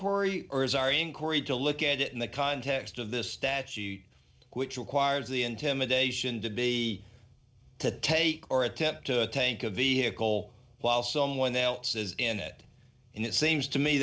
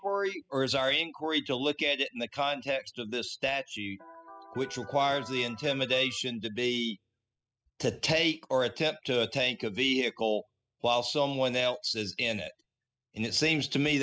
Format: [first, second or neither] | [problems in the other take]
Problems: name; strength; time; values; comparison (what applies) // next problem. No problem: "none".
first | noise reduction (classical method spectral subtraction)